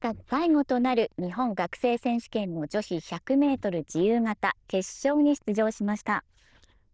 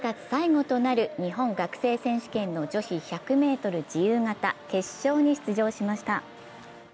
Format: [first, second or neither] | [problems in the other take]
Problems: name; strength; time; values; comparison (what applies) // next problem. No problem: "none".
second | noise reduction (neural diffusion model UNIVERSE++)